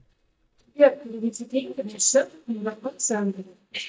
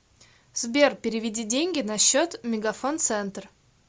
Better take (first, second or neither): second